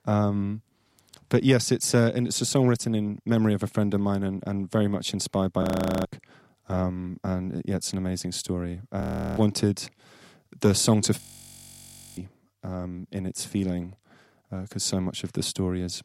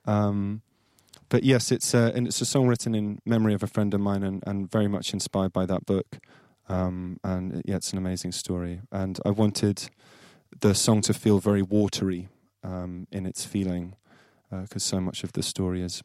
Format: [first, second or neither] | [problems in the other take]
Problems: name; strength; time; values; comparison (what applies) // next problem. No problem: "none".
second | audio freezing; at 5.5 s, at 9 s and at 11 s for 1 s